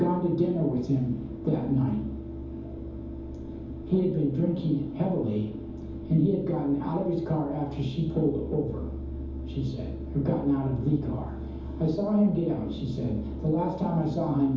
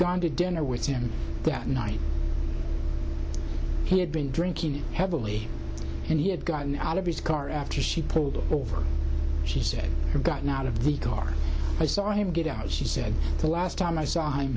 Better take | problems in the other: second | room echo; dies away in 0.9 s

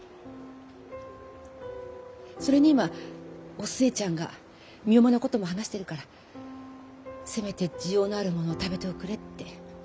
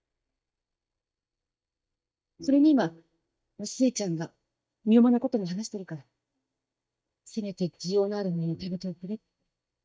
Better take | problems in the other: first | noise reduction (neural mask model DeepFilterNet 3)

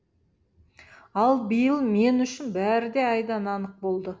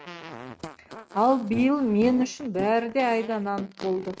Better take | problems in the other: first | noise reduction (neural mask model RNNoise)

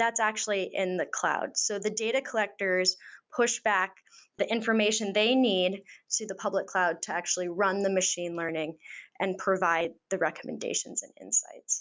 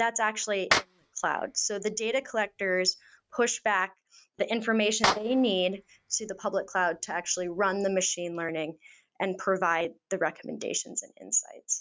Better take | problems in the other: first | noise reduction (neural mask model RNNoise)

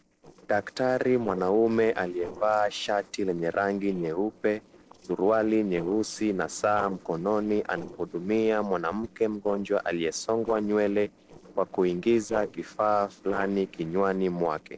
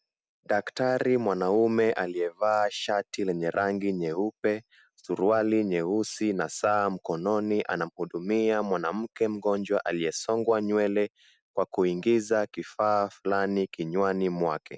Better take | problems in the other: second | noise reduction (neural separator model SepFormer DNS4)

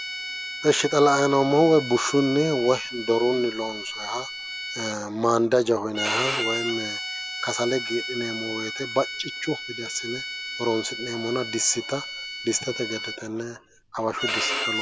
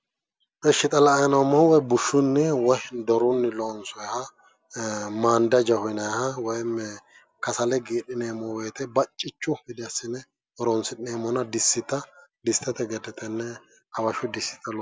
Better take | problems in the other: second | background sound (Bowed string instrument); 7 dB below the speech

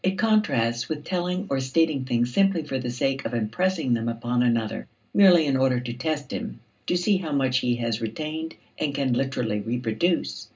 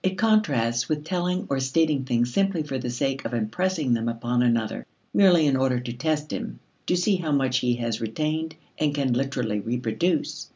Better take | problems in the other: second | room echo; dies away in 0.2 s

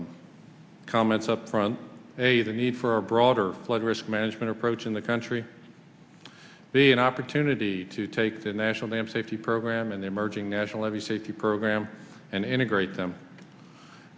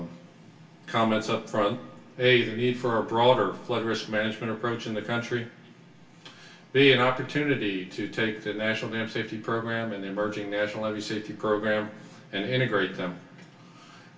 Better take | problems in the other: first | room echo; dies away in 0.3 s

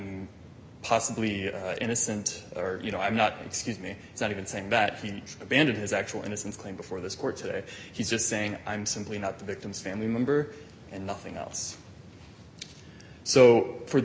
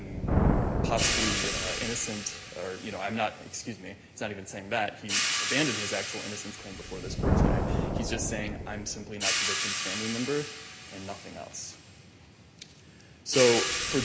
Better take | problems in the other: first | background sound (Thunder + Hi-hat); 2 dB above the speech

